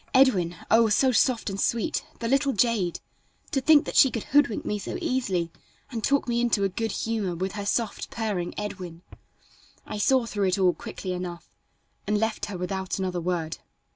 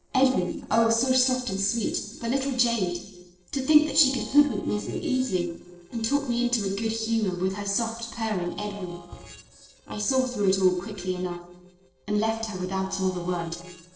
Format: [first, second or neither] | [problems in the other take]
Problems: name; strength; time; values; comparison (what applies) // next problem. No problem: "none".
first | noise reduction (neural separator model SepFormer DNS4)